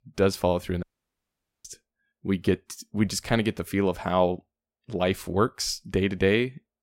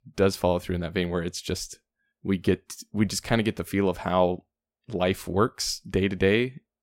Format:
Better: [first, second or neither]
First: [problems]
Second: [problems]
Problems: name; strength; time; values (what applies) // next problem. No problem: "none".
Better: second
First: audio cutting out; at 1 s for 1 s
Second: none